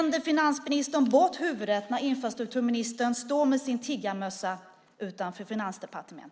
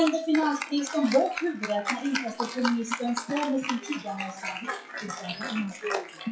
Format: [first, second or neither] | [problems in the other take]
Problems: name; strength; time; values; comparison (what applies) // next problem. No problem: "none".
first | noise reduction (classical method WPE with log-MMSE)